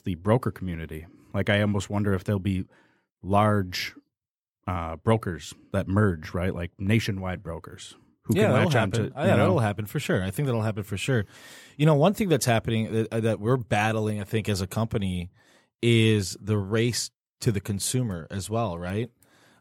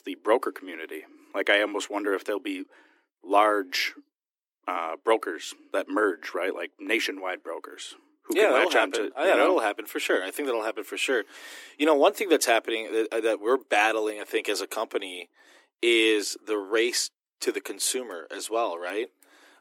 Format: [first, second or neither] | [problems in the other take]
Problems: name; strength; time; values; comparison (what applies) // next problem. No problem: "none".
first | thin; very; fading below 300 Hz